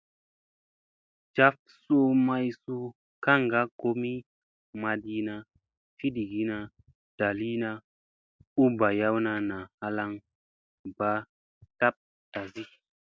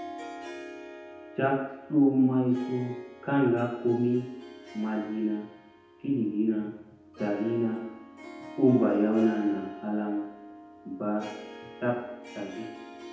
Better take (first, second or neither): first